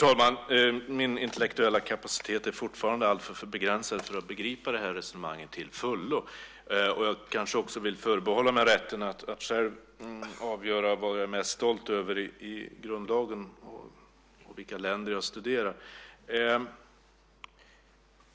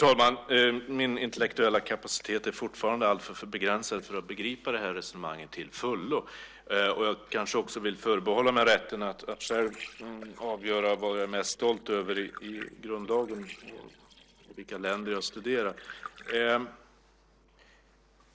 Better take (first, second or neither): first